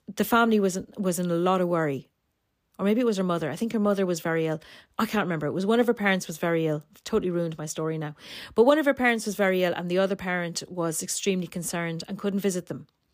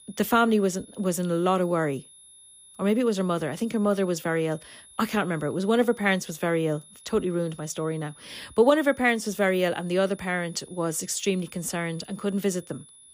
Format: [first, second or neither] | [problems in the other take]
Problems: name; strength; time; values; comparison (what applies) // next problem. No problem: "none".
first | high-pitched whine; faint; throughout; 10.5 kHz, 25 dB below the speech